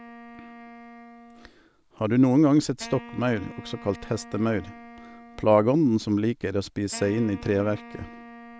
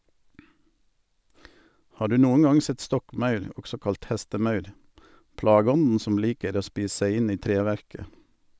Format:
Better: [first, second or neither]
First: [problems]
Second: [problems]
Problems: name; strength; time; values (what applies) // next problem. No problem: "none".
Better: second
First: background sound (Wind instrument, woodwind instrument); 19 dB below the speech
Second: none